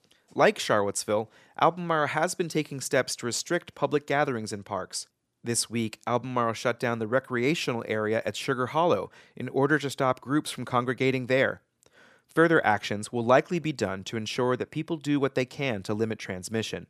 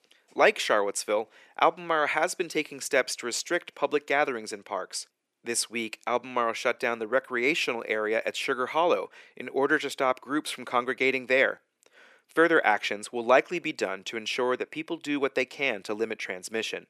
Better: first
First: none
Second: thin; somewhat; fading below 350 Hz

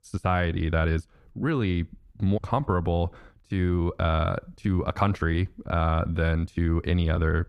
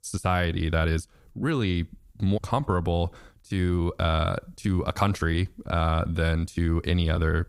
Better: second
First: muffled; slightly; fading above 4 kHz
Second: none

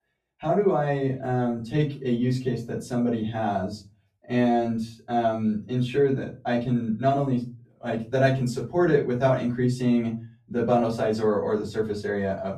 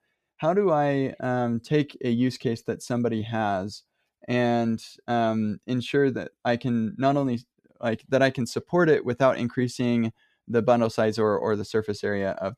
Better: second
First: off-mic speech; far // room echo; slight; dies away in 0.3 s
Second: none

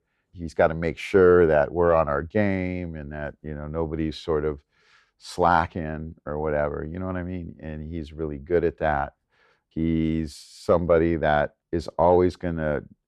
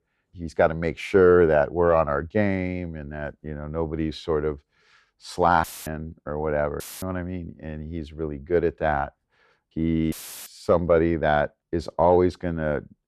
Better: first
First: none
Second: audio cutting out; filled with static; at 5.5 s, at 7 s and at 10 s

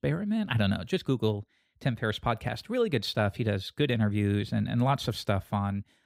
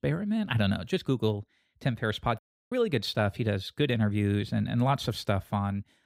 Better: first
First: none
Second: audio cutting out; at 2.5 s

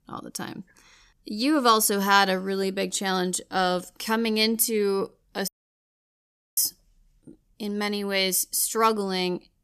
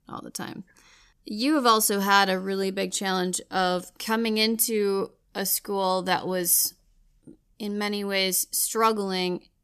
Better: second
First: audio cutting out; at 5.5 s for 1 s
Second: none

